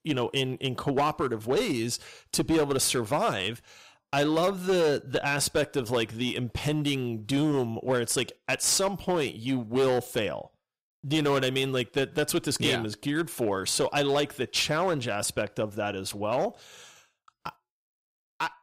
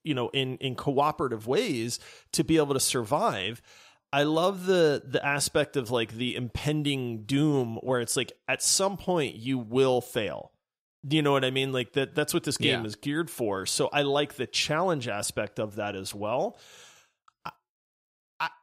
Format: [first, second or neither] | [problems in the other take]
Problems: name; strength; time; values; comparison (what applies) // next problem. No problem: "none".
second | distortion; slight; 7% of the sound clipped